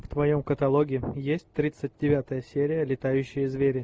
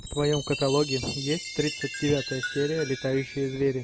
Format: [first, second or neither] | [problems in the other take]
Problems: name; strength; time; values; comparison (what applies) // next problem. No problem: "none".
first | background sound (Chime); 9 dB below the speech